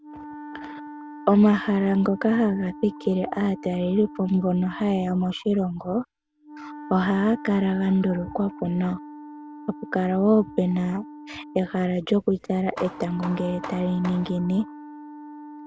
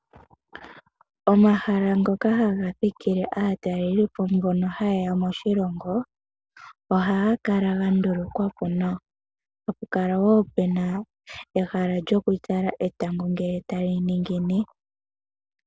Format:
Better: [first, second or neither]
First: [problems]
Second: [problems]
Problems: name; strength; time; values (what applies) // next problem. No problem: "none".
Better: second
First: background sound (Wind instrument, woodwind instrument + Hammer); 16 dB below the speech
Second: none